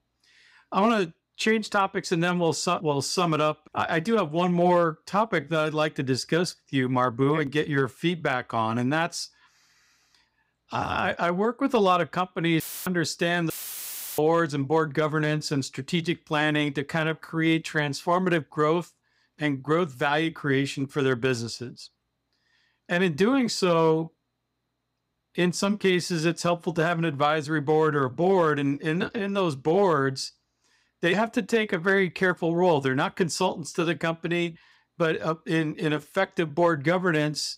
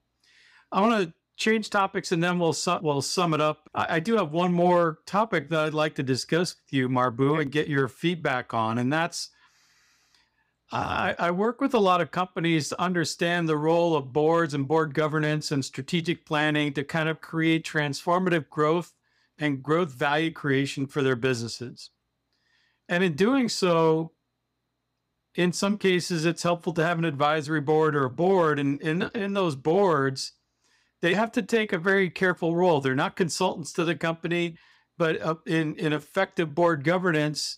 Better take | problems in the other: second | audio cutting out; filled with static; at 13 s and at 14 s for 0.5 s

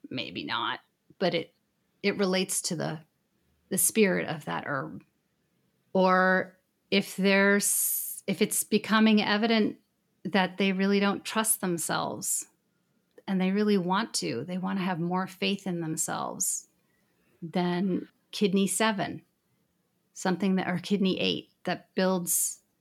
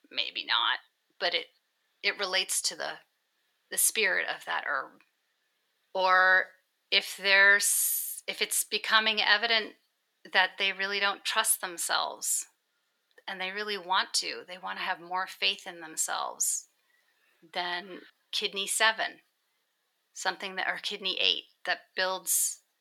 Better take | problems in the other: first | thin; very; fading below 800 Hz

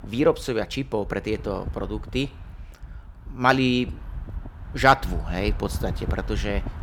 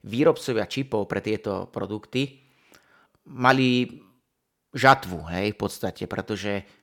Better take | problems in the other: second | wind noise on the microphone; occasional gusts; 20 dB below the speech

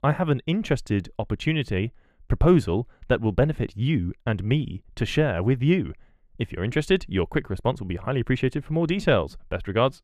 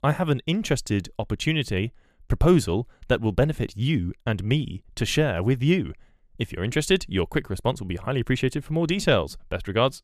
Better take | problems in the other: second | muffled; slightly; fading above 3.5 kHz

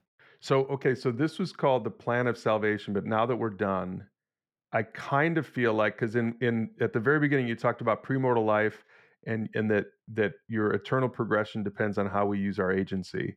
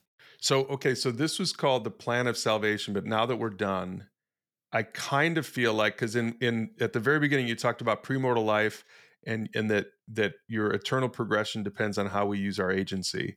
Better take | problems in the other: second | muffled; very; fading above 3 kHz

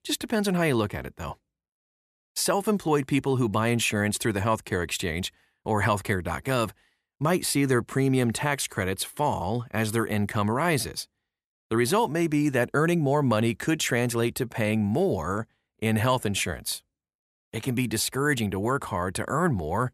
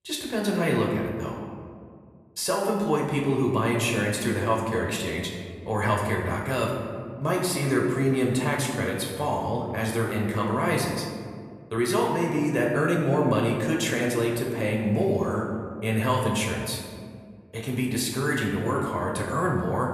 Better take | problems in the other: first | room echo; noticeable; dies away in 1.6 s // off-mic speech; somewhat distant

